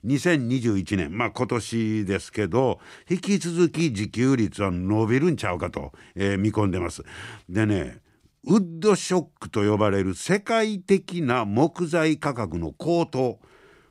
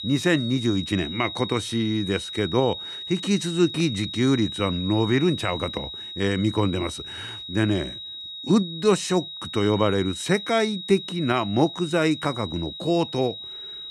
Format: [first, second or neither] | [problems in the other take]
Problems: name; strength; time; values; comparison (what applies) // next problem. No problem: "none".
first | high-pitched whine; loud; throughout; 4 kHz, 9 dB below the speech